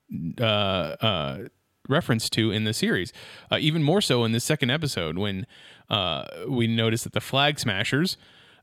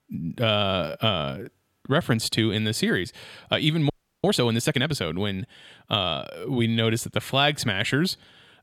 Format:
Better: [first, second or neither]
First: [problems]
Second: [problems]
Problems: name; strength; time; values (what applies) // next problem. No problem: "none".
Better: first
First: none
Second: audio freezing; at 4 s